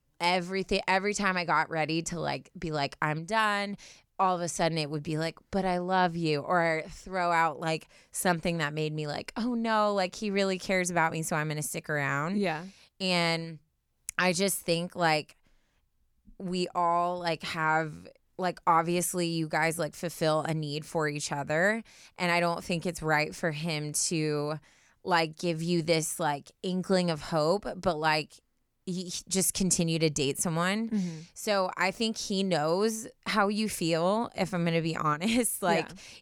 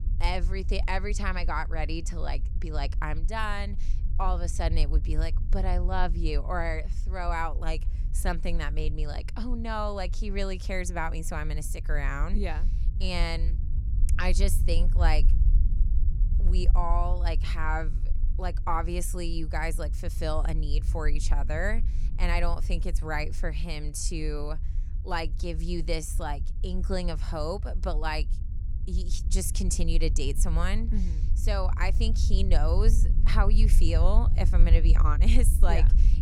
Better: first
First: none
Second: low rumble; noticeable; throughout; 15 dB below the speech

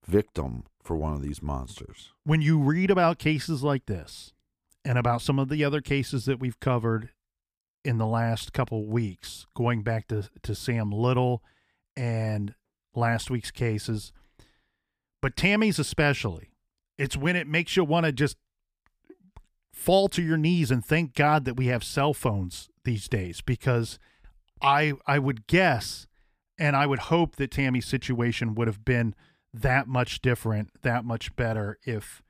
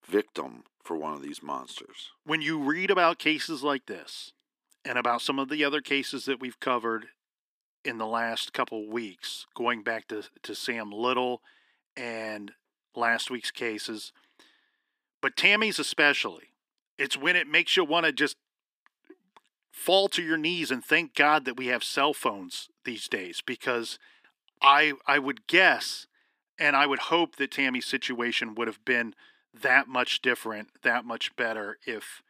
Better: first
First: none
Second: thin; somewhat; fading below 300 Hz

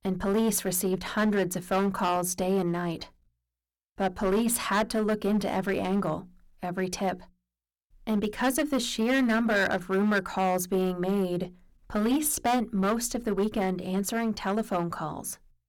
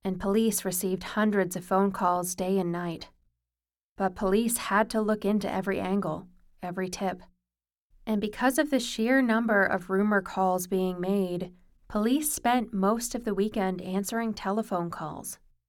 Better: second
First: distortion; slight; 8% of the sound clipped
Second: none

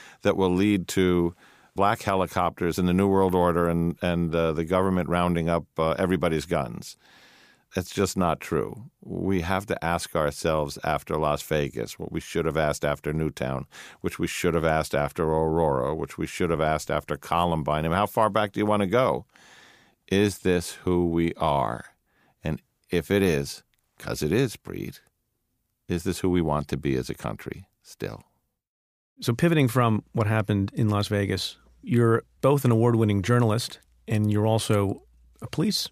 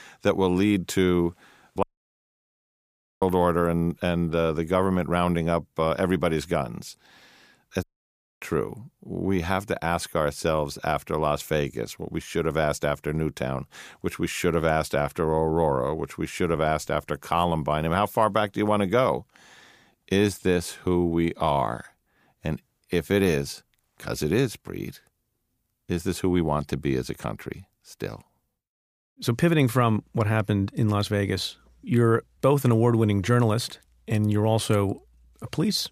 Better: first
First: none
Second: audio cutting out; at 2 s for 1.5 s and at 8 s for 0.5 s

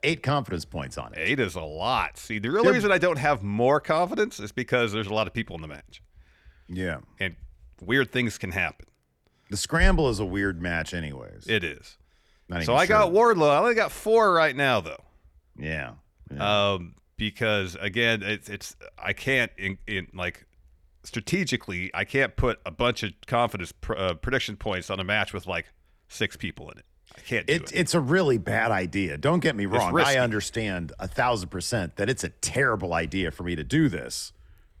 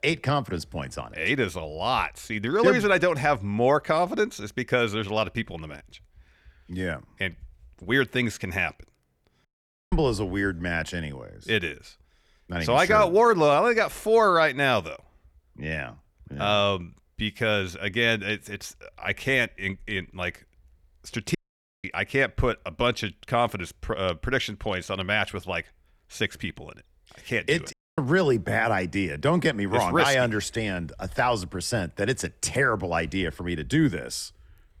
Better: first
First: none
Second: audio cutting out; at 9.5 s, at 21 s and at 28 s

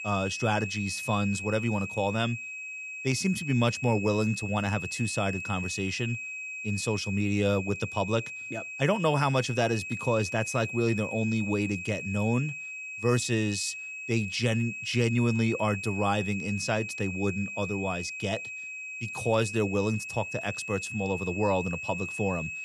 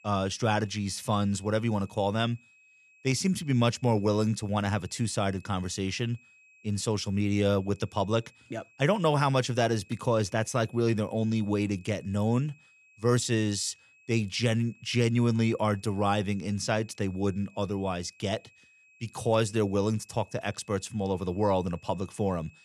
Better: second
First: high-pitched whine; loud; throughout; 2.5 kHz, 6 dB below the speech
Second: high-pitched whine; faint; throughout; 2.5 kHz, 30 dB below the speech

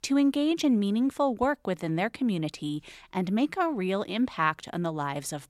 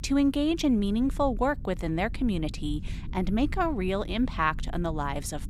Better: first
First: none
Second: low rumble; faint; throughout; 25 dB below the speech

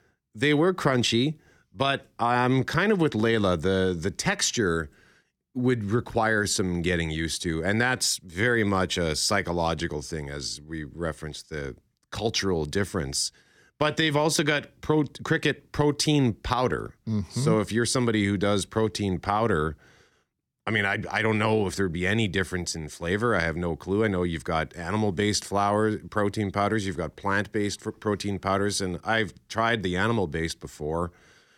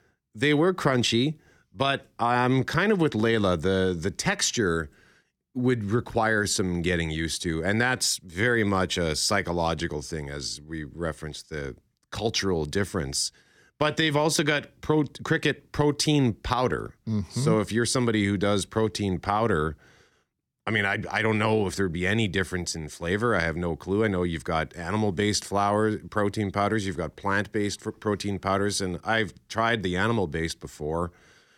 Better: neither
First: none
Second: none

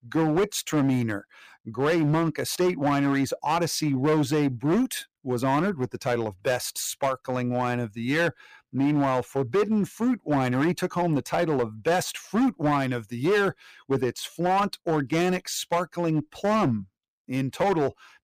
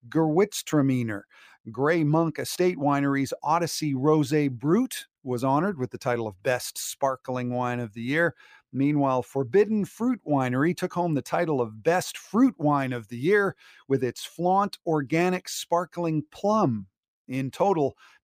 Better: second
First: distortion; slight; 10% of the sound clipped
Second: none

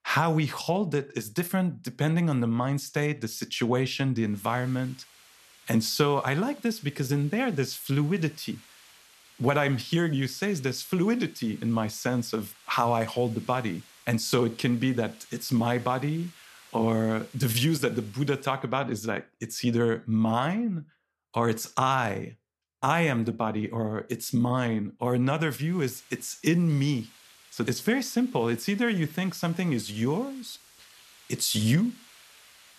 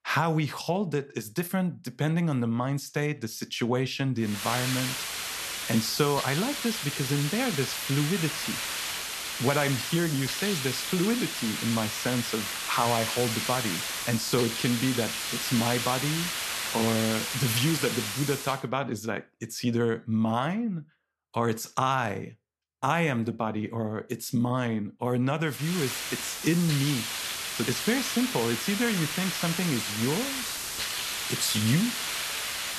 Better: first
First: hiss; faint; from 4.5 to 18 s and from 26 s on; 25 dB below the speech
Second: hiss; loud; from 4.5 to 18 s and from 26 s on; 2 dB below the speech

